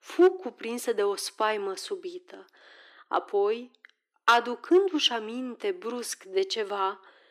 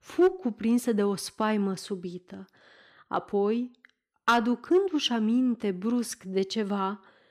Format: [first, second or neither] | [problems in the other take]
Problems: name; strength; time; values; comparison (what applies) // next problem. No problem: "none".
second | thin; very; fading below 300 Hz